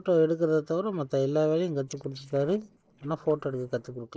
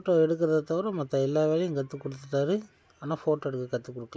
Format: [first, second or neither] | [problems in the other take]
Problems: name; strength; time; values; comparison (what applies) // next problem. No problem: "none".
second | noise reduction (neural separator model SepFormer DNS4)